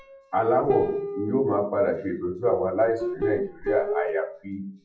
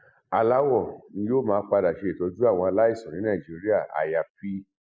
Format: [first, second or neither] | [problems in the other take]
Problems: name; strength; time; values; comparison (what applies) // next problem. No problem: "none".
second | noise reduction (classical method WPE with log-MMSE)